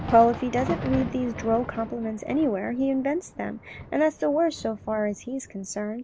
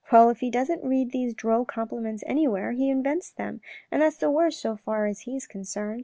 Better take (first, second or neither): second